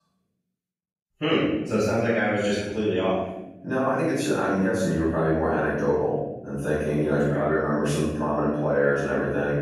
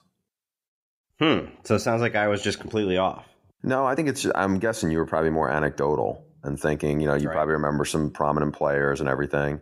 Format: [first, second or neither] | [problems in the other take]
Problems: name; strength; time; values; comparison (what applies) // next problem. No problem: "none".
second | off-mic speech; far // room echo; strong; dies away in 0.9 s